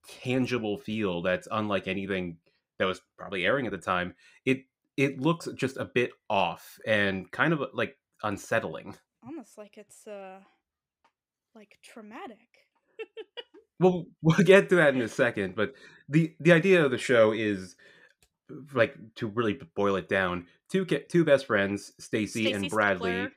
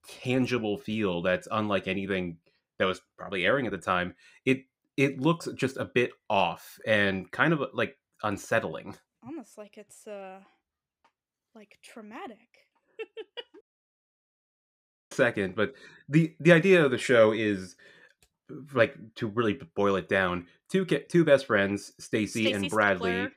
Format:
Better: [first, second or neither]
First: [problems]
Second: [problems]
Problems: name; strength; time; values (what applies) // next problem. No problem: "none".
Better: first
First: none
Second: audio cutting out; at 14 s for 1.5 s